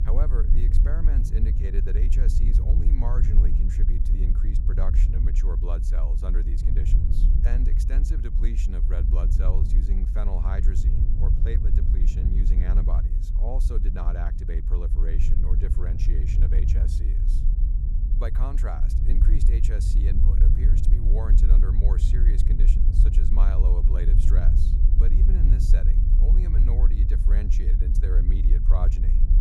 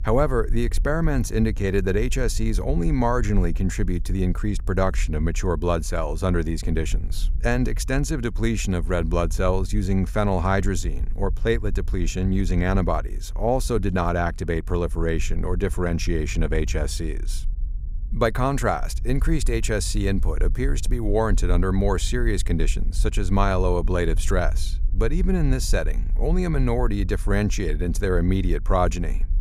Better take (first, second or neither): second